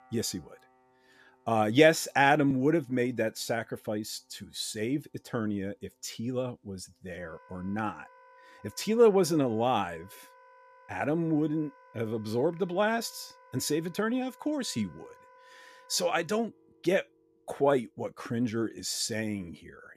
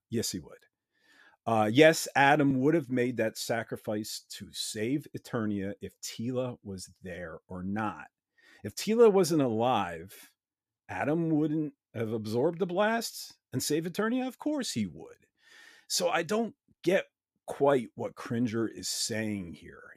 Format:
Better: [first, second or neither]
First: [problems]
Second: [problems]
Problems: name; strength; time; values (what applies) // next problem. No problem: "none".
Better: second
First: background music; faint; throughout; 30 dB below the speech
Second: none